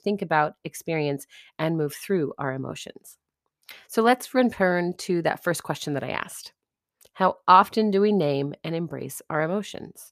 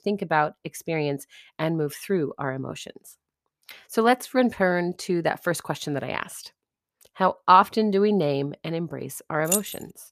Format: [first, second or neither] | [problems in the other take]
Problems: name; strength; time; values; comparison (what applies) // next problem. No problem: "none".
first | jangling keys; noticeable; at 9.5 s; peak 1 dB below the speech